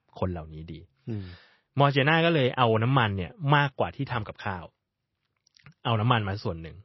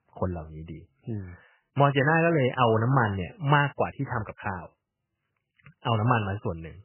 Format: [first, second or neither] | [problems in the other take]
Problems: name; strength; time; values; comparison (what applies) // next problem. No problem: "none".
first | garbled, watery; badly; nothing above 3 kHz; slightly in the first